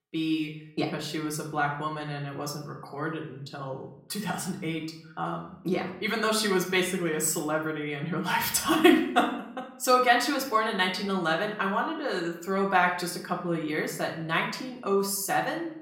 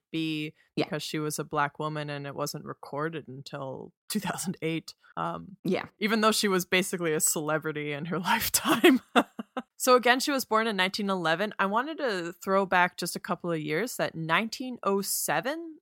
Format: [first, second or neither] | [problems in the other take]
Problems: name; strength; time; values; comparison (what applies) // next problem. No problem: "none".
second | room echo; slight; dies away in 0.6 s // off-mic speech; far